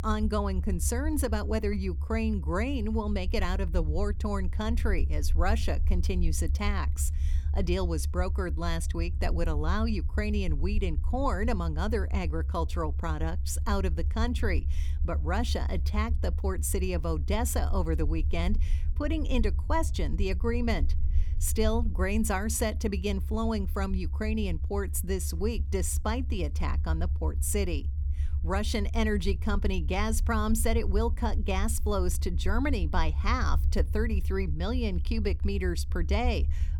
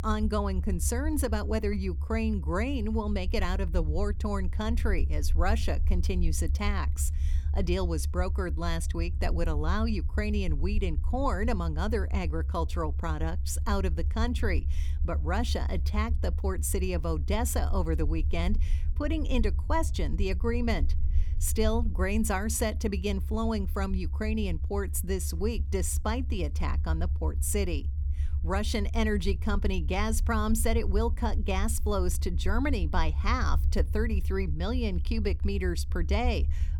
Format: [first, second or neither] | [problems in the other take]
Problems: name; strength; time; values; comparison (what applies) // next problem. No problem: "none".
neither | low rumble; noticeable; throughout; 15 dB below the speech; the same in both